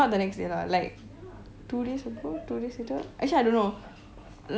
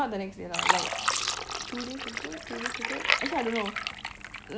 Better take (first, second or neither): first